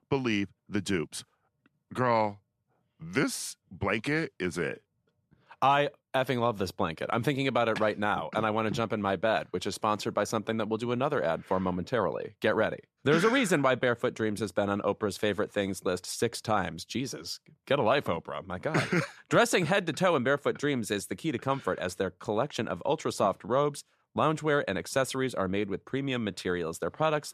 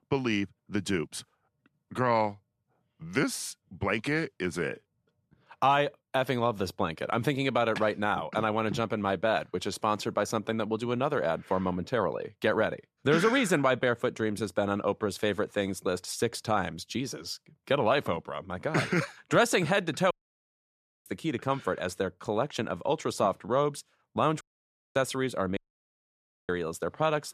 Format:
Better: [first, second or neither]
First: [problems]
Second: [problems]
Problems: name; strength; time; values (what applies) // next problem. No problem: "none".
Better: first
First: none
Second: audio cutting out; at 20 s for 1 s, at 24 s for 0.5 s and at 26 s for 1 s